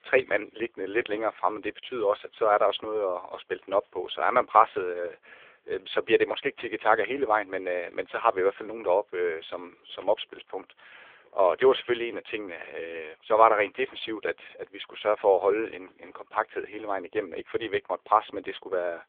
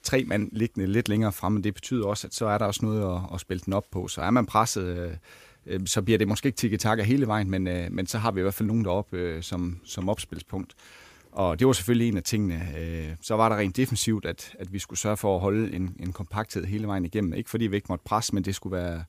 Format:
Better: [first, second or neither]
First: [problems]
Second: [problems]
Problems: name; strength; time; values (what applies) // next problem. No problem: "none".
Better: second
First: phone-call audio; poor line; nothing above 3.5 kHz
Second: none